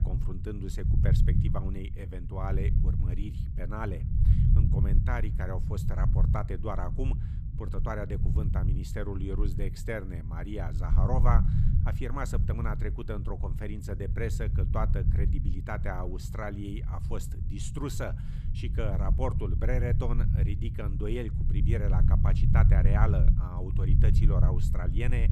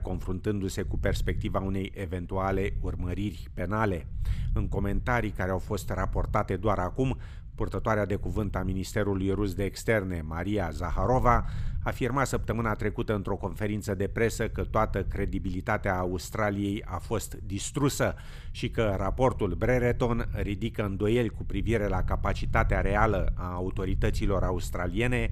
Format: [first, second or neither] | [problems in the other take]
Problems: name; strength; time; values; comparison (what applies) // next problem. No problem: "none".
second | low rumble; loud; throughout; 5 dB below the speech; faint in the second